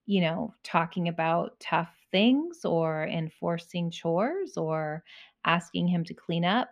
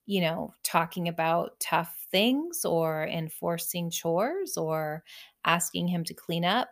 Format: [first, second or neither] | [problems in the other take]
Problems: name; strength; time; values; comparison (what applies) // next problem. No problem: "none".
second | muffled; slightly; fading above 2.5 kHz